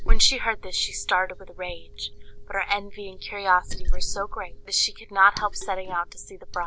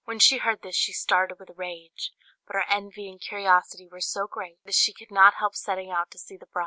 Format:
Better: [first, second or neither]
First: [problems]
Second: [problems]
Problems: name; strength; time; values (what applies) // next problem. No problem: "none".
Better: second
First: background sound (Liquid); 2 dB above the speech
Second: none